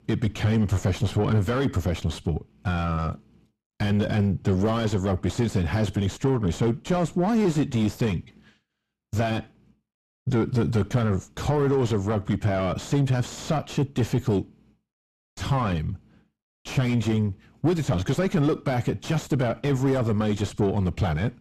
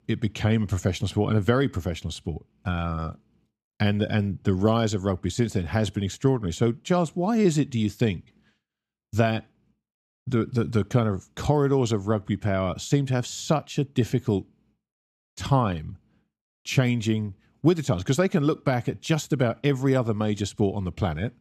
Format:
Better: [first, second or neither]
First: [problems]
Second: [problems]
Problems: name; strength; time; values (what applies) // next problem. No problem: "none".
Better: second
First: distortion; heavy; 6 dB below the speech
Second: none